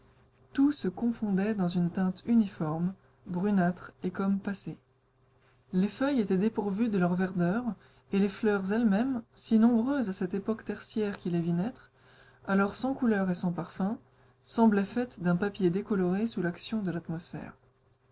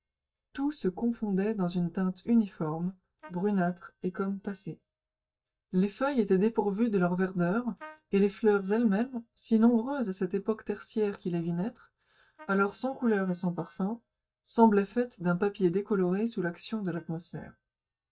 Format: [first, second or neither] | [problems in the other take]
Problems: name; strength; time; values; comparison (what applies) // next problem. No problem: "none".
first | noise reduction (neural mask model DeepFilterNet 3)